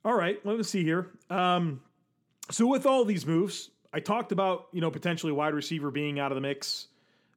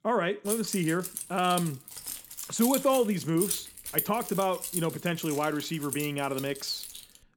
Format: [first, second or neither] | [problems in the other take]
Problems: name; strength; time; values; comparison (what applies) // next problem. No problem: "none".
first | jangling keys; noticeable; peak 1 dB below the speech